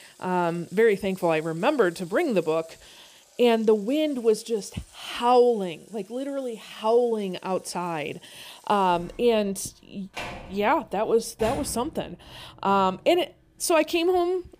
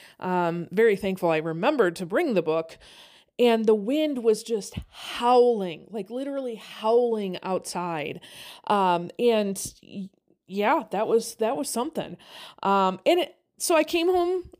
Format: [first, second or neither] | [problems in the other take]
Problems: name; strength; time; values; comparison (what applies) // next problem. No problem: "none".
second | household noises; faint; throughout; 20 dB below the speech